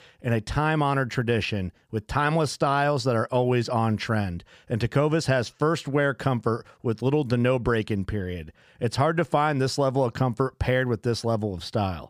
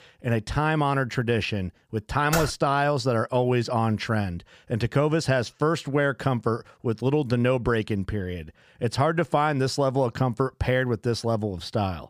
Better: first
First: none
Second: keyboard typing; noticeable; at 2.5 s; peak 4 dB below the speech

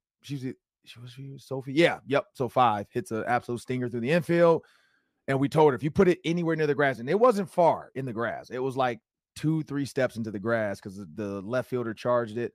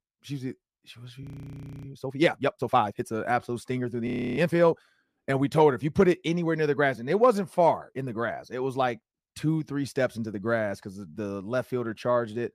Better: first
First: none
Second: audio freezing; at 1 s for 0.5 s and at 4 s

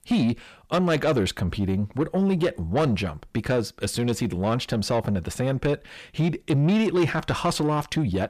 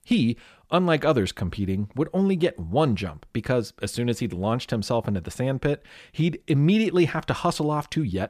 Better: second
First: distortion; slight; 10 dB below the speech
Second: none

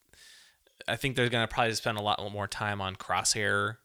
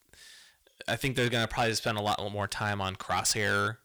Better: first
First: none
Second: distortion; slight; 5% of the sound clipped

